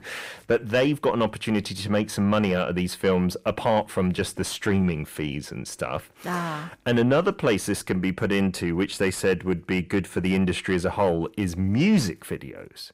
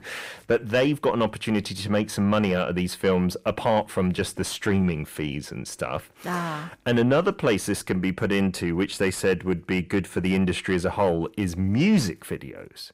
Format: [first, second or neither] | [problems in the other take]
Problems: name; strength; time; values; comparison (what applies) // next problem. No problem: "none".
neither | distortion; slight; 10 dB below the speech; the same in both